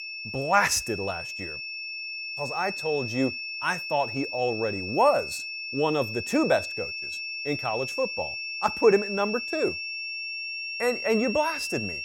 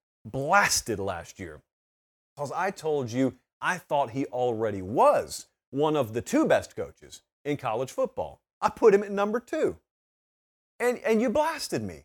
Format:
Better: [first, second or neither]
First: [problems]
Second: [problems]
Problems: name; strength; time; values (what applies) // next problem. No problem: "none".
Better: second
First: high-pitched whine; loud; throughout; 2.5 kHz, 5 dB below the speech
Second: none